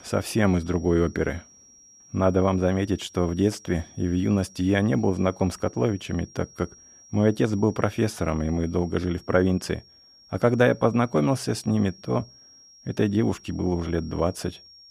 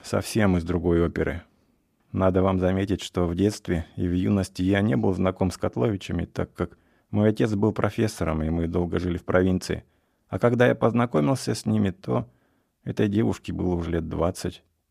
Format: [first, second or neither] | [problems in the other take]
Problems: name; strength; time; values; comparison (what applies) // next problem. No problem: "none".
second | high-pitched whine; faint; throughout; 5.5 kHz, 25 dB below the speech